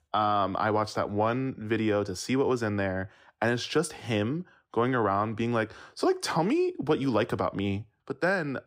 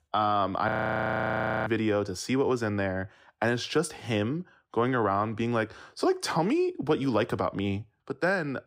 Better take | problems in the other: first | audio freezing; at 0.5 s for 1 s

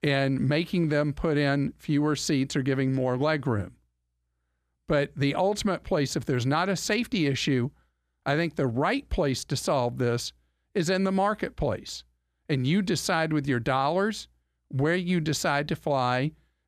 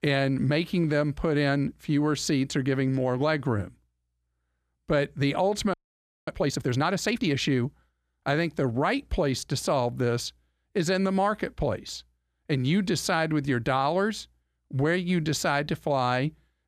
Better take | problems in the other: first | audio freezing; at 5.5 s for 0.5 s

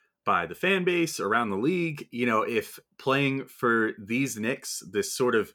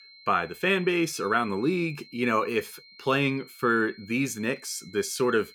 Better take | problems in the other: first | high-pitched whine; faint; throughout; 4 kHz, 20 dB below the speech

